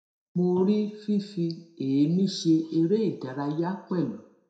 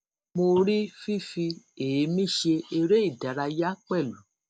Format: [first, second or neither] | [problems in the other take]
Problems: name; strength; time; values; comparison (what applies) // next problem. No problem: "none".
second | room echo; dies away in 0.5 s